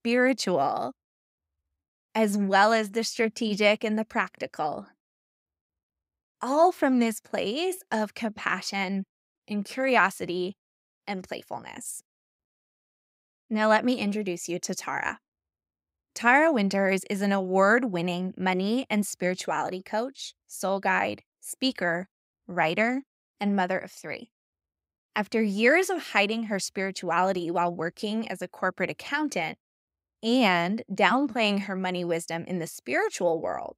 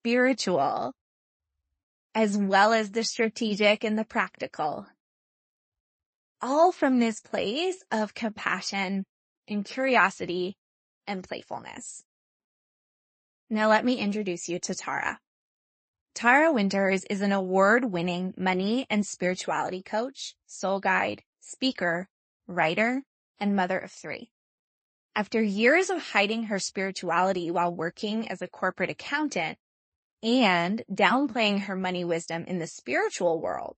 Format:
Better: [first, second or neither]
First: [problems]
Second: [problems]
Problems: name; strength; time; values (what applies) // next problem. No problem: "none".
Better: first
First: none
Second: garbled, watery; slightly; nothing above 8 kHz